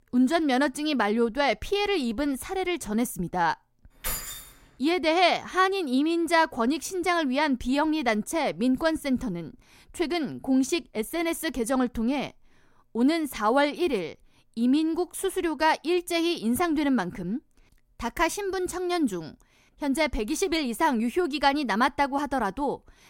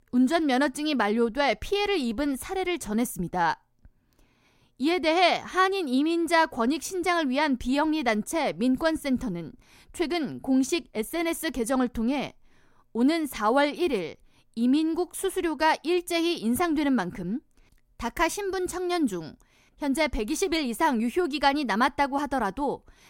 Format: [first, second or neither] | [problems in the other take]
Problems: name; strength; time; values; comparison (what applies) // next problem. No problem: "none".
second | jangling keys; noticeable; at 4 s; peak 5 dB below the speech